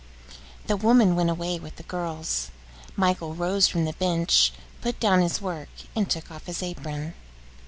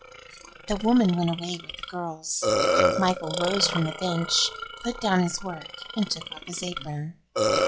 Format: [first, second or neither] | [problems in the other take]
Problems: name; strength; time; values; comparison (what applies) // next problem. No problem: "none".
first | noise reduction (classical method log-MMSE)